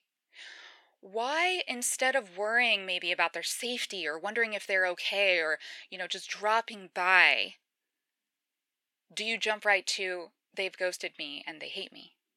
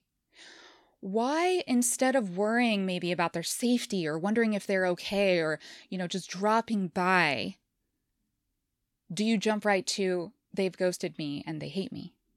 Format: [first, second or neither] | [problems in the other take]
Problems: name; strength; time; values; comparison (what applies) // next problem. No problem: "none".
second | thin; very; fading below 600 Hz